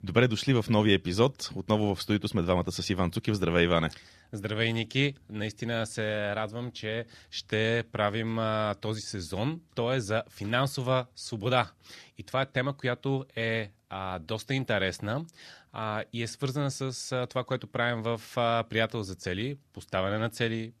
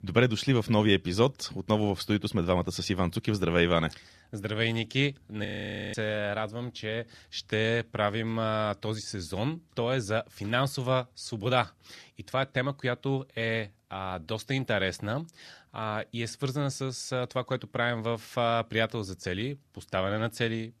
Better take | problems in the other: first | audio freezing; at 5.5 s

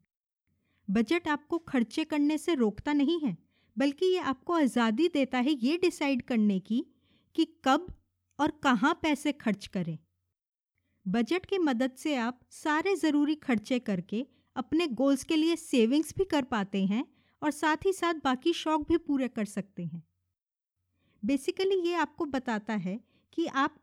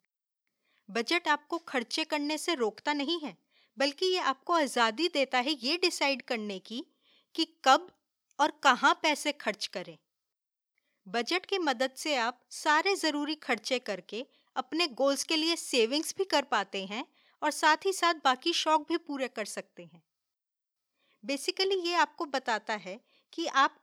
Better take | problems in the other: first | thin; somewhat; fading below 600 Hz

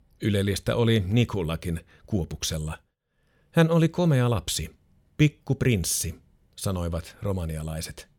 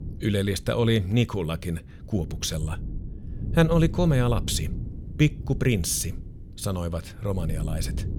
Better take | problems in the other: first | wind noise on the microphone; occasional gusts; 20 dB below the speech

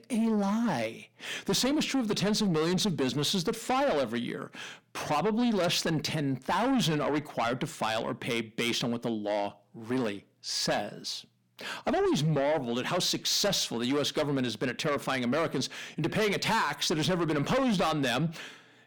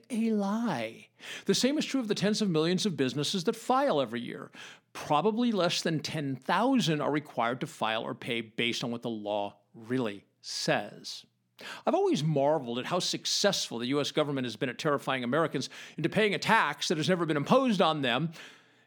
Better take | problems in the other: second | distortion; heavy; 7 dB below the speech

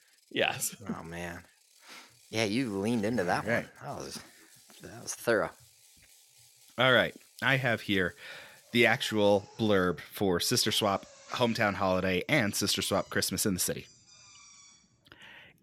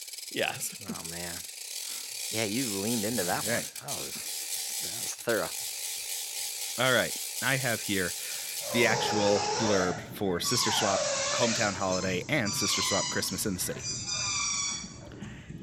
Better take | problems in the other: first | machinery noise; loud; throughout; 1 dB below the speech; faint in the first

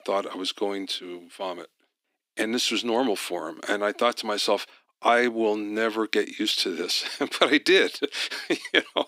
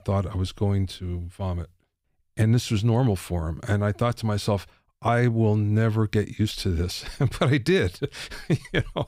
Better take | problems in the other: second | thin; very; fading below 250 Hz

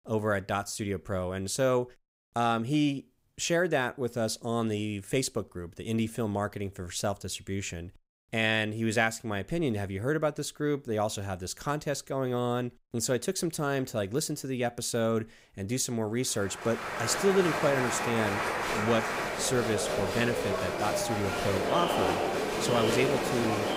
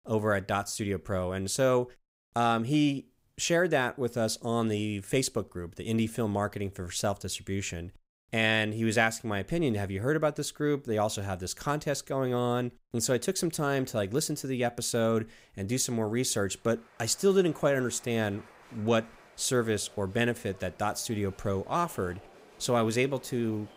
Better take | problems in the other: second | crowd noise; loud; from 17 s on; as loud as the speech; faint in the second

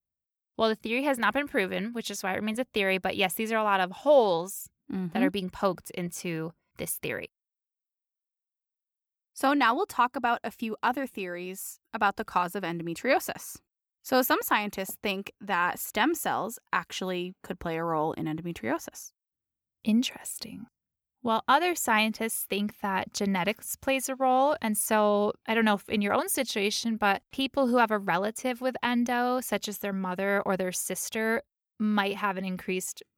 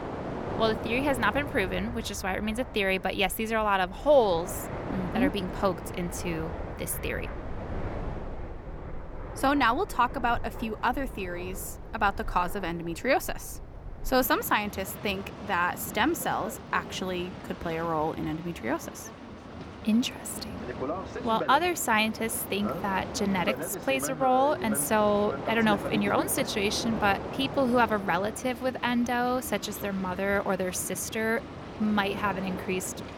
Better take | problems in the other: first | train or aircraft noise; loud; throughout; 10 dB below the speech

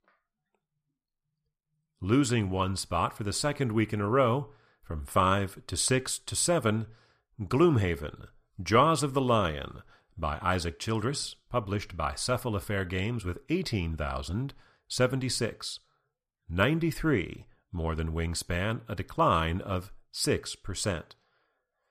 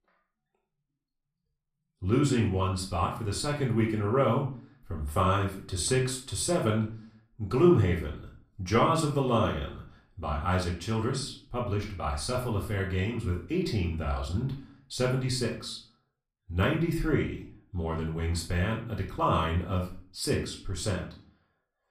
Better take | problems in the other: first | off-mic speech; far // room echo; slight; dies away in 0.4 s

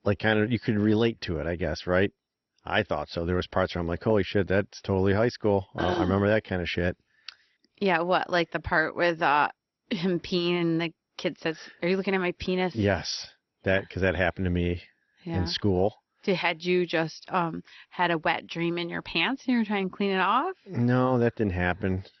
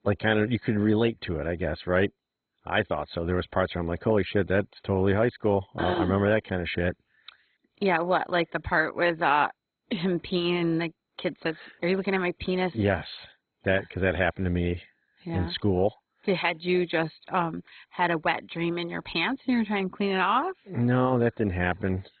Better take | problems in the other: first | garbled, watery; badly; nothing above 4 kHz; slightly in the first

